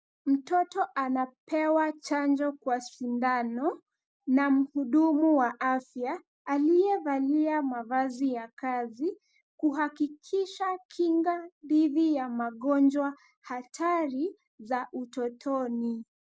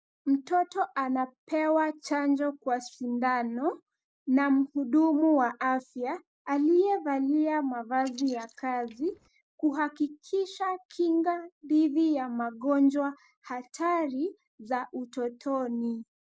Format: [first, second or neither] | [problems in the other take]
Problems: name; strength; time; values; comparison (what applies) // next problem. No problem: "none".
first | noise reduction (neural mask model Resemble Enhance denoiser)